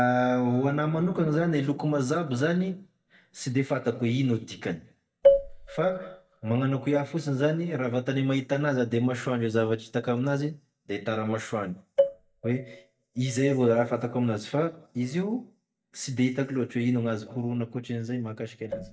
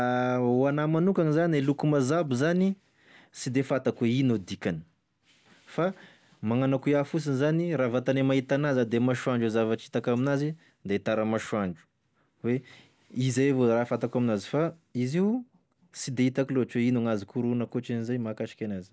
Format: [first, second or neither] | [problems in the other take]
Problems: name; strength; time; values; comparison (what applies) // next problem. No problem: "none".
second | noise reduction (neural mask model DeepFilterNet 3)